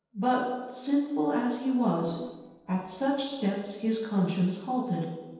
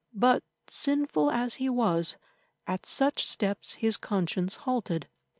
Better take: second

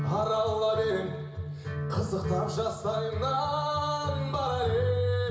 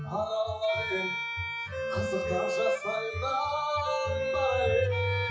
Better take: first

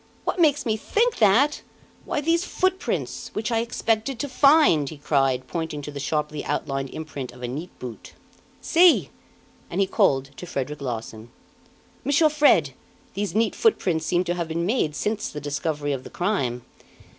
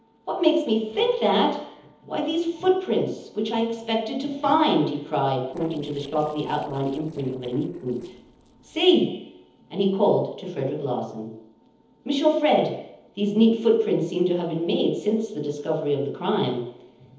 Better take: first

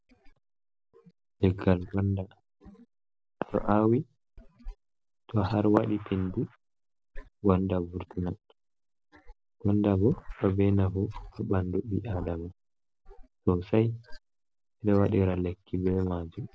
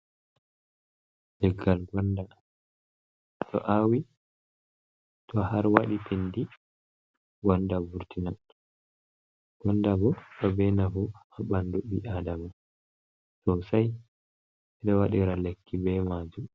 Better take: second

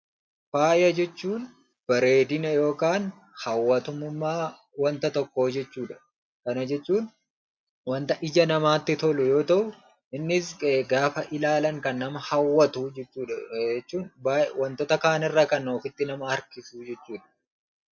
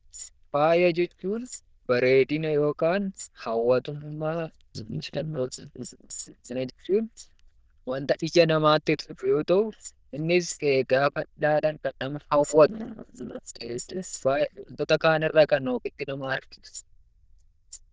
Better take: first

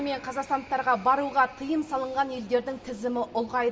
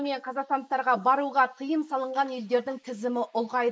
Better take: first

